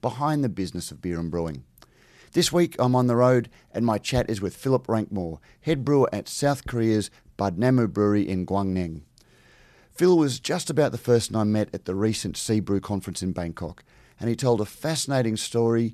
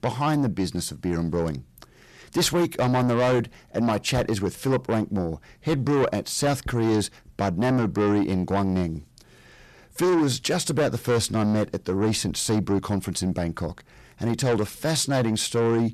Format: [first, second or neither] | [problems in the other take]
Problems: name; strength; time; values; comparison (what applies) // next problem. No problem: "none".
first | distortion; heavy; 8 dB below the speech